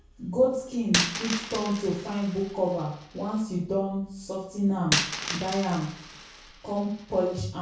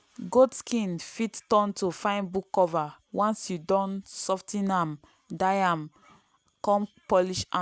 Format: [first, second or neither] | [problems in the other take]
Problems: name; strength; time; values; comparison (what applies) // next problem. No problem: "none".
second | background sound (Coin (dropping)); 7 dB below the speech // room echo; dies away in 0.6 s